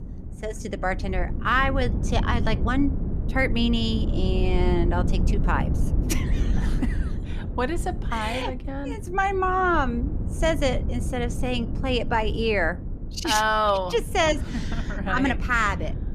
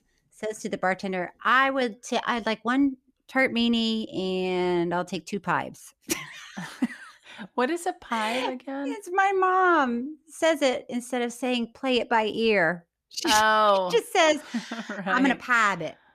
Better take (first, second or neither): second